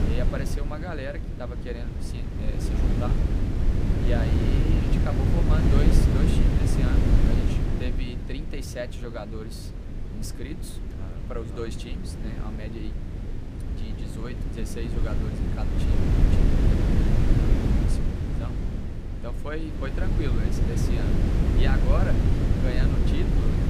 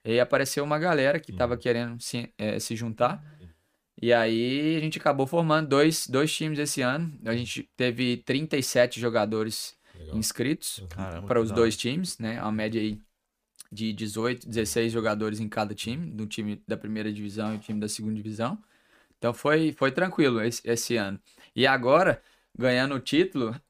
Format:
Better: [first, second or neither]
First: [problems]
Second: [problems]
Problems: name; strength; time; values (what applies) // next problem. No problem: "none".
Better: second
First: wind noise on the microphone; heavy; 2 dB above the speech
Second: none